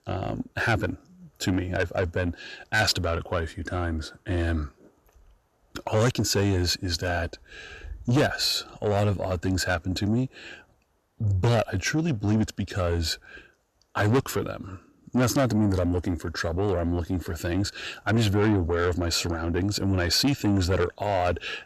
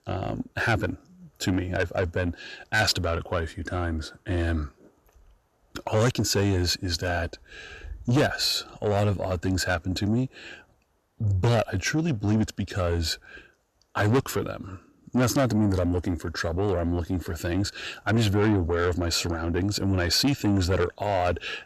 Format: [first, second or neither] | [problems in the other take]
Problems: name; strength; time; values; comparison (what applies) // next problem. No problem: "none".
neither | distortion; heavy; 7 dB below the speech; the same in both